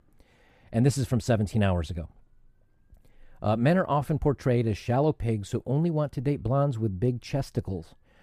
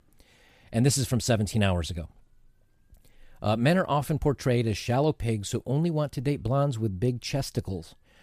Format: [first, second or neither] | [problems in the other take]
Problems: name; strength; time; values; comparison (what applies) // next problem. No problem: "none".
second | muffled; slightly; fading above 2.5 kHz